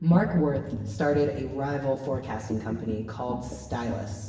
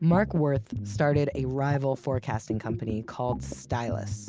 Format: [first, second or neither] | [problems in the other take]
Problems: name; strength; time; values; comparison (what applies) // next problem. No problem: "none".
second | room echo; dies away in 1.2 s